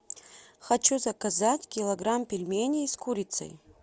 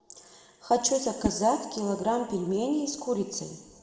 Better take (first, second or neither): first